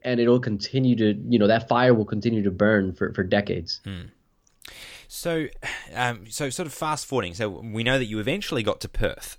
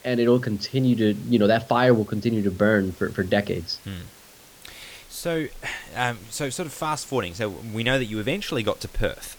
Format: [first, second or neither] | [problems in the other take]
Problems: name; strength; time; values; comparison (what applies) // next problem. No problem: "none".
first | hiss; faint; throughout; 25 dB below the speech